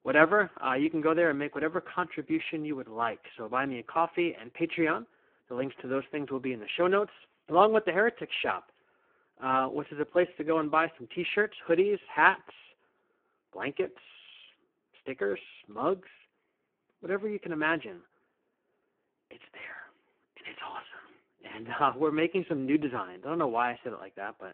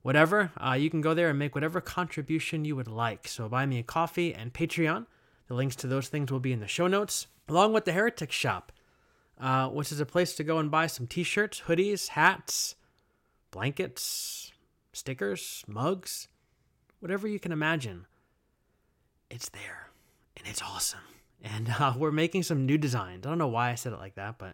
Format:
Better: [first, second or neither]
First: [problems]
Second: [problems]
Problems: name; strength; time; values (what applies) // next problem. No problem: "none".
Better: second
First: phone-call audio; poor line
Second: none